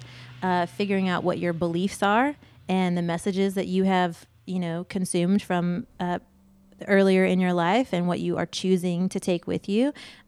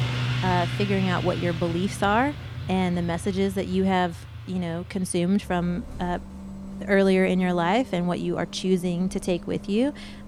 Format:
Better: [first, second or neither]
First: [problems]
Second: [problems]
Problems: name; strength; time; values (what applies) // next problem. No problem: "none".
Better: first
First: traffic noise; faint; throughout; 30 dB below the speech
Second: traffic noise; loud; throughout; 9 dB below the speech